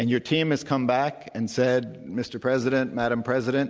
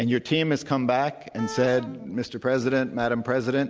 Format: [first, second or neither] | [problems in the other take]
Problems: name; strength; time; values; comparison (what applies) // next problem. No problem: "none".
first | background sound (Wind instrument, woodwind instrument); 15 dB below the speech